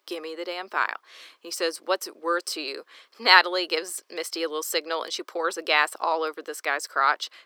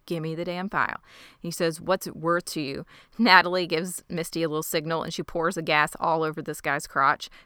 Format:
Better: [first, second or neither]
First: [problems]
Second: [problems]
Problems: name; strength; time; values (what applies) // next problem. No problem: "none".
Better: second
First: thin; very; fading below 350 Hz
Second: none